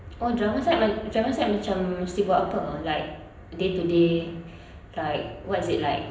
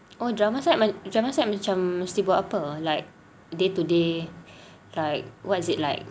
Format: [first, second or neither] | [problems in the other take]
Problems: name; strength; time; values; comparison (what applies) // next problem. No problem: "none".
second | background sound (Aircraft); 18 dB below the speech // room echo; dies away in 0.8 s